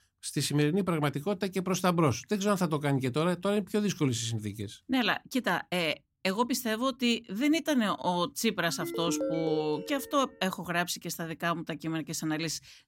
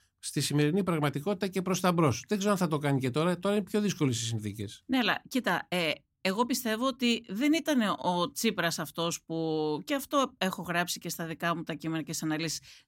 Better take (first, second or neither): second